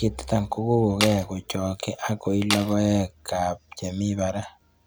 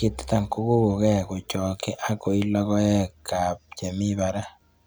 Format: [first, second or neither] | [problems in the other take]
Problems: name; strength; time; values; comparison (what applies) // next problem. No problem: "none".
second | background sound (Tools); 5 dB below the speech